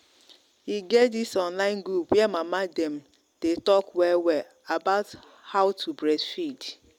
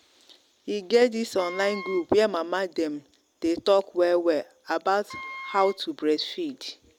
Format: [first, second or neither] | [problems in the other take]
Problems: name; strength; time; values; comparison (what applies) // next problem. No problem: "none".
first | background sound (Wind instrument, woodwind instrument); 14 dB below the speech